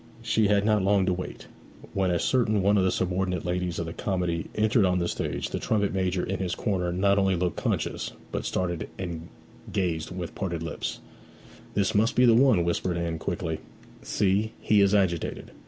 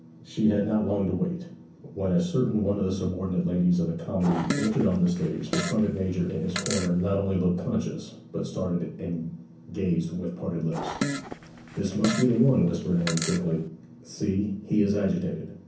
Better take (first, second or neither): first